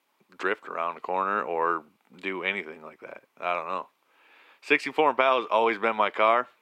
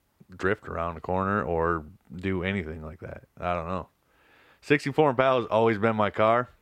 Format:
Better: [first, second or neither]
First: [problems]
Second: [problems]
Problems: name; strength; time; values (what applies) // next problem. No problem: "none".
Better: second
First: thin; somewhat; fading below 300 Hz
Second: none